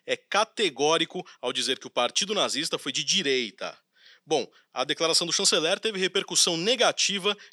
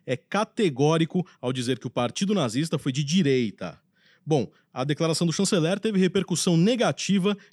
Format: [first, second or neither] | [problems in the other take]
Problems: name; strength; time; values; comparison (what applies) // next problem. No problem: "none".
second | thin; somewhat; fading below 500 Hz